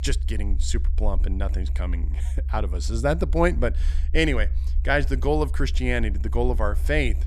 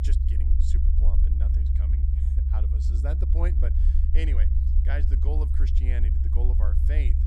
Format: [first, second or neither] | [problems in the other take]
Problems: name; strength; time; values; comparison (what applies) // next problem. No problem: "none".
first | low rumble; loud; throughout; 1 dB below the speech; faint in the first